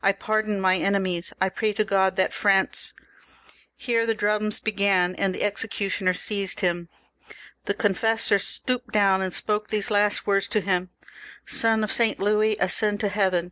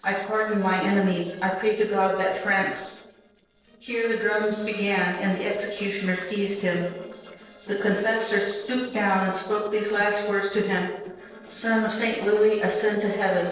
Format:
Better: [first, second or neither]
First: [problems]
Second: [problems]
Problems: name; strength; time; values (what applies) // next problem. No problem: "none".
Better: first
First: none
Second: noise reduction (neural separator model SepFormer DNS4)